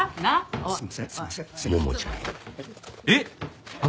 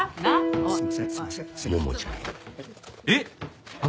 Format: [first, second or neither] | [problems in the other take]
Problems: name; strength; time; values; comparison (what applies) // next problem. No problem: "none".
first | background sound (Piano); 2 dB below the speech